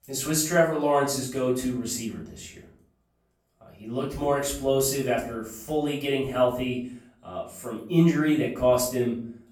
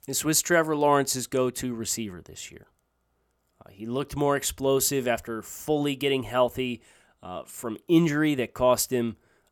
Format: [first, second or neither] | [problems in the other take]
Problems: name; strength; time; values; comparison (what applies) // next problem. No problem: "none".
second | room echo; noticeable; dies away in 0.5 s // off-mic speech; far